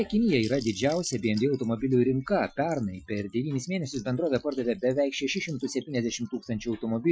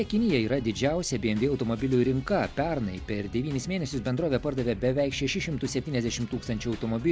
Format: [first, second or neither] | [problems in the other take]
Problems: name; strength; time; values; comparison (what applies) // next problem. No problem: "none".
second | noise reduction (classical method Wiener filter)